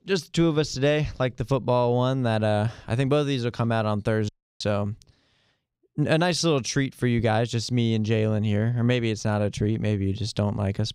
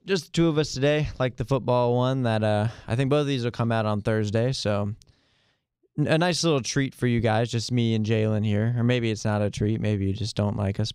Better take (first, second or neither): second